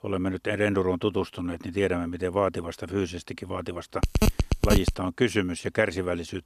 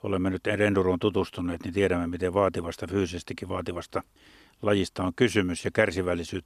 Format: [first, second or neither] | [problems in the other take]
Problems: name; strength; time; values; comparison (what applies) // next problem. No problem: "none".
second | phone ringing; loud; at 4 s; peak 3 dB above the speech